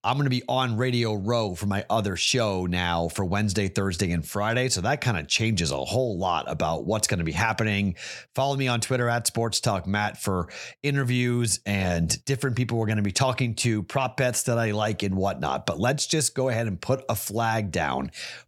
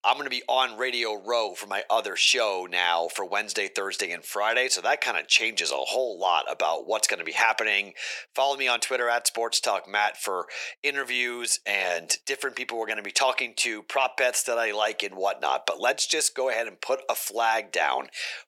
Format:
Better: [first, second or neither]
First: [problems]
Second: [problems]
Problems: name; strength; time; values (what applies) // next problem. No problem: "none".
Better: first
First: none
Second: thin; very; fading below 400 Hz